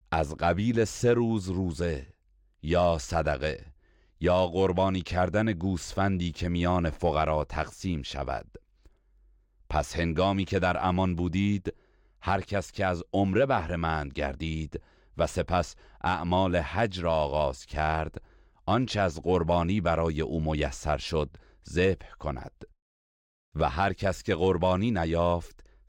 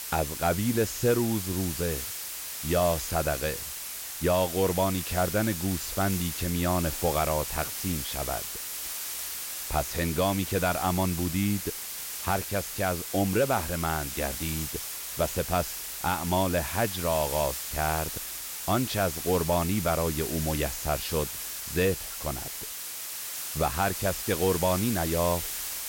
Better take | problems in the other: first | hiss; loud; throughout; 4 dB below the speech

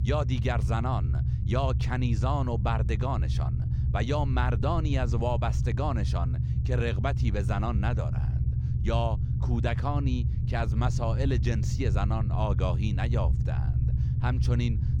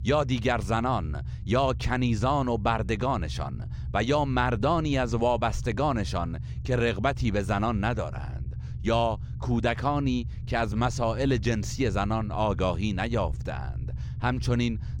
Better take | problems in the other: second | low rumble; loud; throughout; 8 dB below the speech; faint in the second

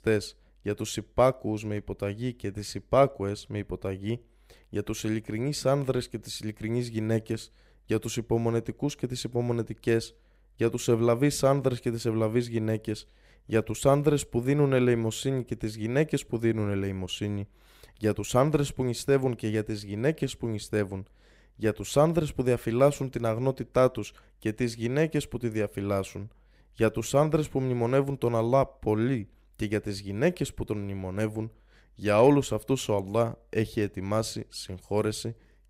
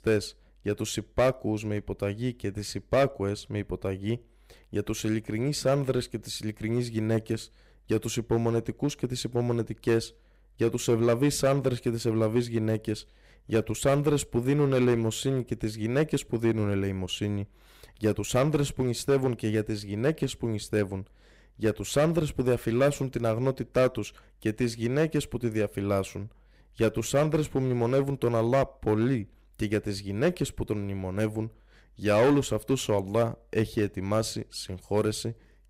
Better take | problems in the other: first | distortion; slight; 3% of the sound clipped

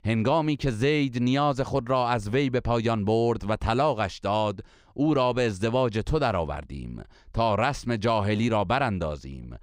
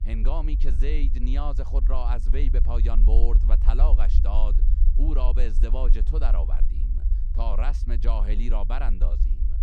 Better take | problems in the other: first | low rumble; noticeable; throughout; 10 dB below the speech

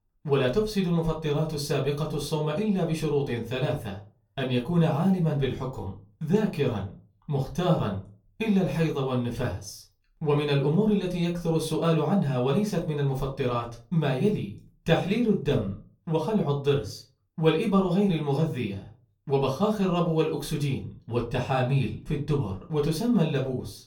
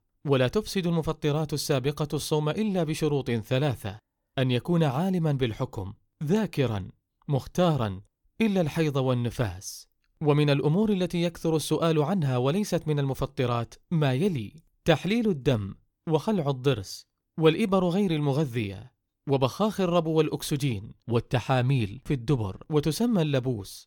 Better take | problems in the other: second | off-mic speech; far // room echo; very slight; dies away in 0.3 s

